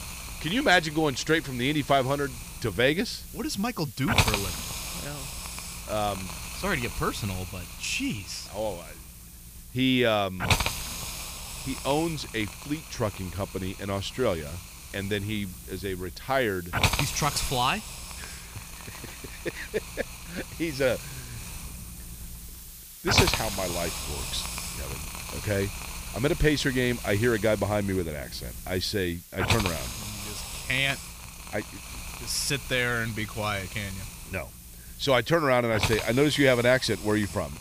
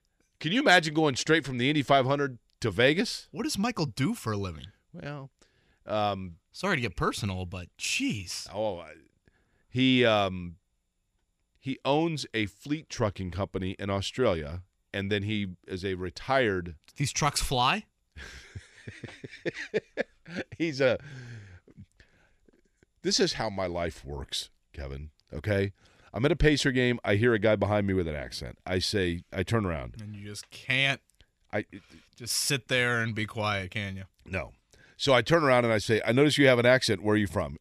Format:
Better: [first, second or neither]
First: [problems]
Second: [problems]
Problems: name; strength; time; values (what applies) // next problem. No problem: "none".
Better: second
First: hiss; loud; throughout; 6 dB below the speech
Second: none